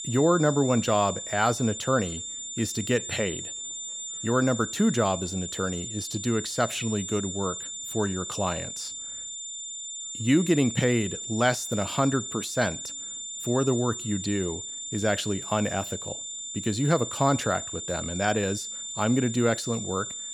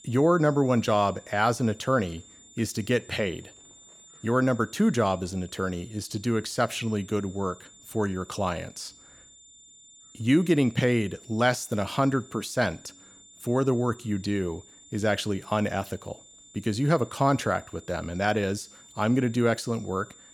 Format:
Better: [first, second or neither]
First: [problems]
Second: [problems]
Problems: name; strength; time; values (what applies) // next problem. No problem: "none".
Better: second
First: high-pitched whine; loud; throughout; 7 kHz, 7 dB below the speech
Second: high-pitched whine; faint; throughout; 7 kHz, 25 dB below the speech